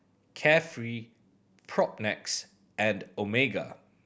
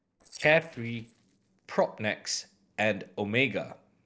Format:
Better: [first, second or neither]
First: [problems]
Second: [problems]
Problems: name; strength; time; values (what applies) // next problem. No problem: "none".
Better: first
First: none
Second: noise reduction (neural separator model SepFormer DNS4)